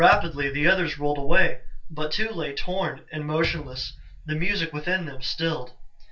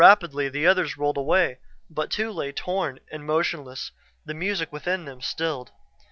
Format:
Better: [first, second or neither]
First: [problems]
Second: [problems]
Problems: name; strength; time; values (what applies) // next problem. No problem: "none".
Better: second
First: background sound (Bass drum); 18 dB below the speech // room echo; dies away in 0.2 s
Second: none